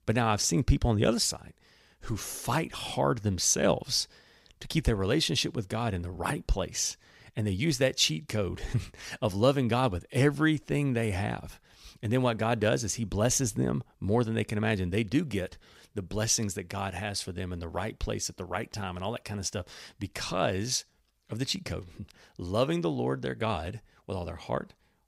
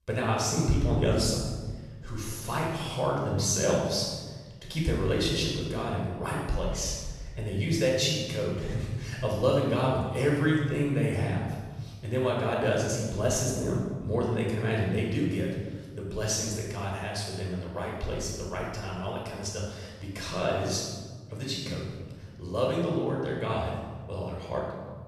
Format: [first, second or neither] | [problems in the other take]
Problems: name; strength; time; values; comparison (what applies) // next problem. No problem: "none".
first | off-mic speech; far // room echo; noticeable; dies away in 1.4 s